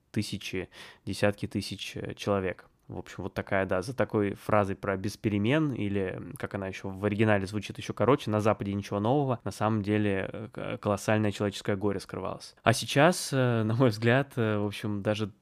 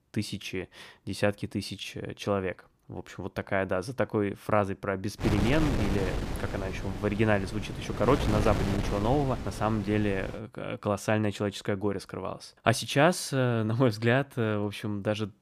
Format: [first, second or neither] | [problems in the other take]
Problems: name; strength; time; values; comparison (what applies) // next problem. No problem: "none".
first | wind noise on the microphone; heavy; from 5 to 10 s; 7 dB below the speech